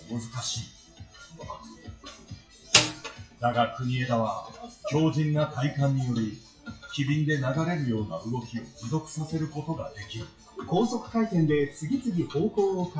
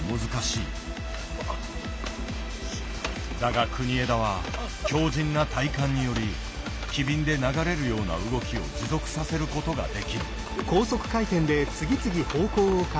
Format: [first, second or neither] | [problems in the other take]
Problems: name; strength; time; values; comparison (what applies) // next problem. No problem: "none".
second | noise reduction (classical method WPE with log-MMSE)